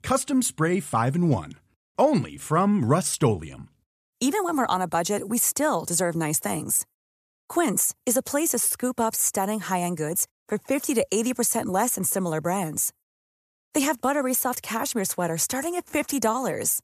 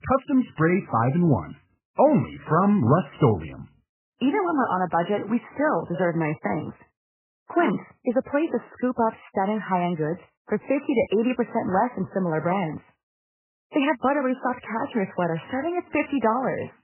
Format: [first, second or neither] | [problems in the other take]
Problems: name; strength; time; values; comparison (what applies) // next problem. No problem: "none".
first | garbled, watery; badly; nothing above 3 kHz